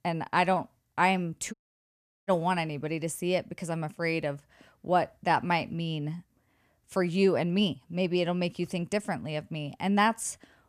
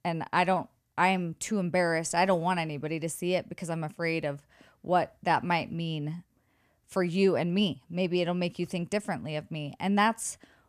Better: second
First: audio cutting out; at 1.5 s for 0.5 s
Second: none

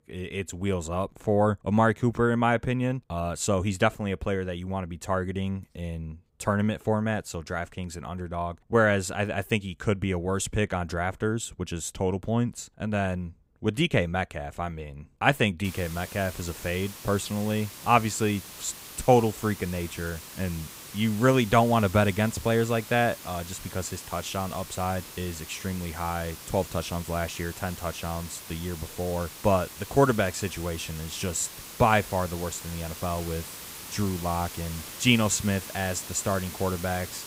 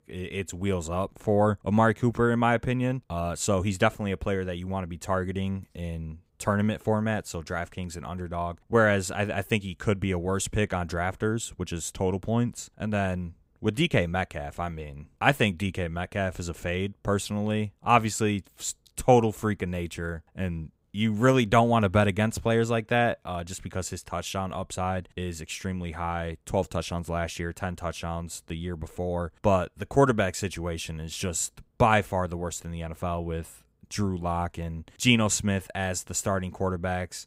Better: second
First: hiss; noticeable; from 16 s on; 10 dB below the speech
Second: none

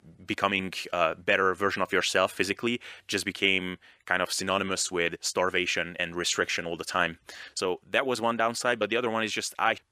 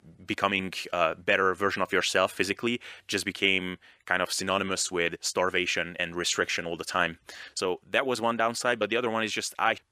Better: neither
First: thin; very slightly; fading below 700 Hz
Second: thin; very slightly; fading below 700 Hz

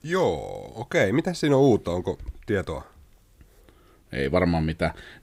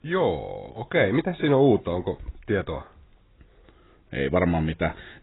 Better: first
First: none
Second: garbled, watery; badly; nothing above 4 kHz

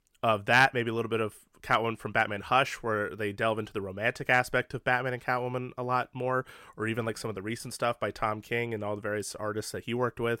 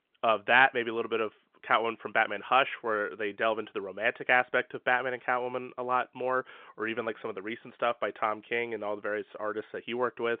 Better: first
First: none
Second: phone-call audio; nothing above 3 kHz

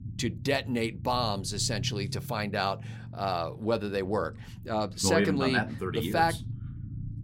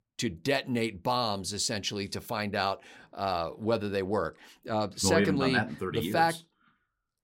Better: second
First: low rumble; faint; throughout; 25 dB below the speech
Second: none

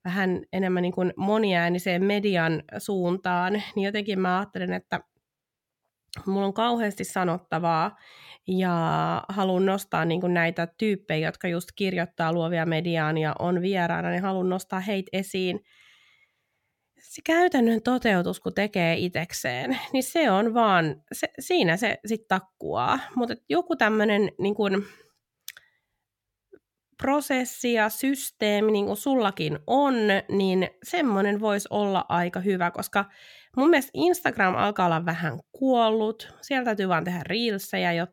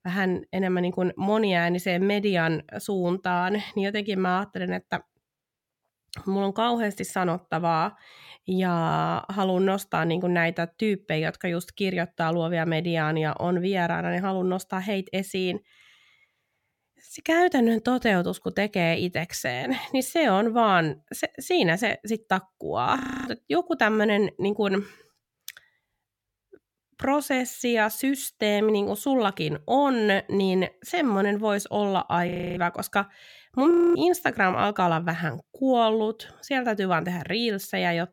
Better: first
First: none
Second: audio freezing; at 23 s, at 32 s and at 34 s

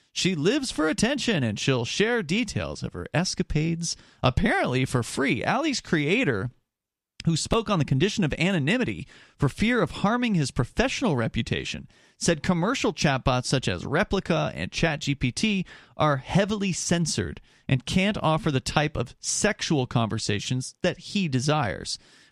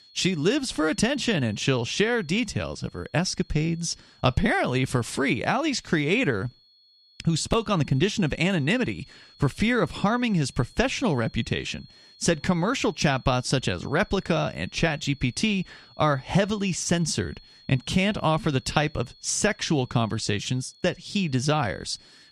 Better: first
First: none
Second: high-pitched whine; faint; throughout; 4.5 kHz, 25 dB below the speech

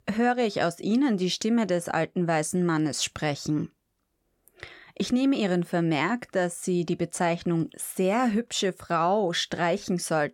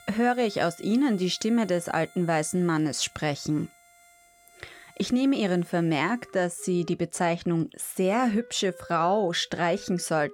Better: first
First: none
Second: background music; faint; throughout; 25 dB below the speech

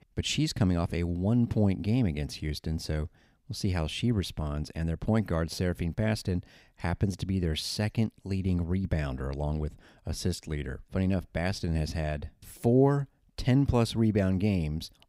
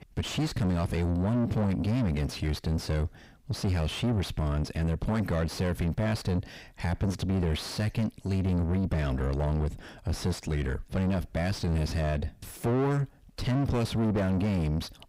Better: first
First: none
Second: distortion; heavy; 6 dB below the speech

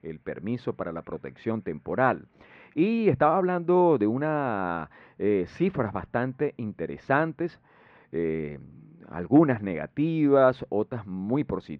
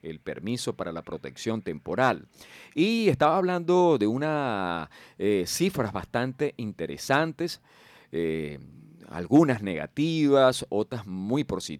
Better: second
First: muffled; very; fading above 2 kHz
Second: none

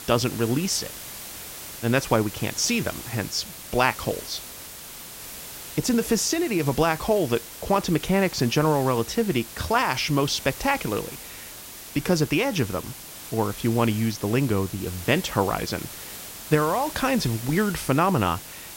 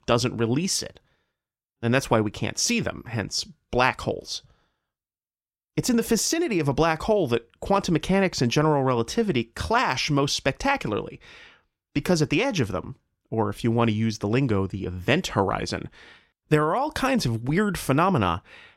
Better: second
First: hiss; noticeable; throughout; 10 dB below the speech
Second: none

